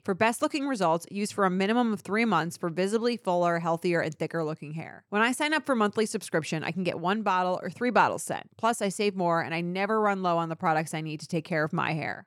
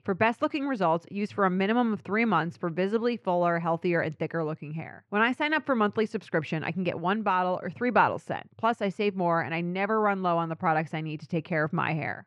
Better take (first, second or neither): first